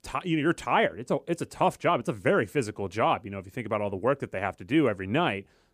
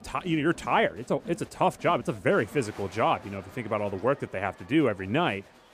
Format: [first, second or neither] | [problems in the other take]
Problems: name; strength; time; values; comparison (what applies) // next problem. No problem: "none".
first | crowd noise; faint; throughout; 20 dB below the speech